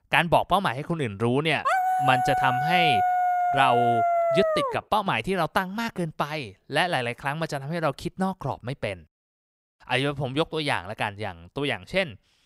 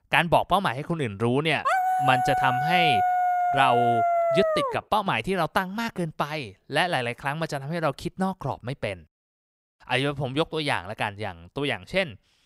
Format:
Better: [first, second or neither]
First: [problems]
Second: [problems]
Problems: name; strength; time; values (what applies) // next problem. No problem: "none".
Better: neither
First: dog barking; loud; from 1.5 to 5 s; peak 4 dB above the speech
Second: dog barking; loud; from 1.5 to 5 s; peak 4 dB above the speech